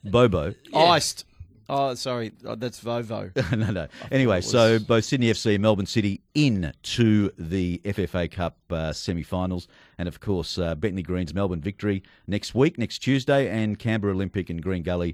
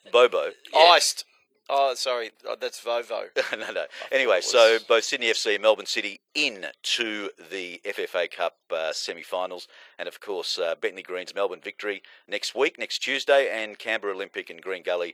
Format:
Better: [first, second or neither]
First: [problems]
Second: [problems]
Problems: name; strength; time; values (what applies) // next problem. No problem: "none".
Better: first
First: none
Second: thin; very; fading below 500 Hz